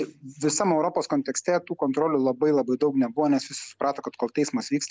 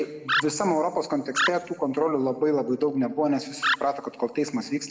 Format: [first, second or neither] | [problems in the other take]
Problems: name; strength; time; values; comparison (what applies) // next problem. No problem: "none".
first | background sound (Animal); 4 dB below the speech // room echo; dies away in 1.5 s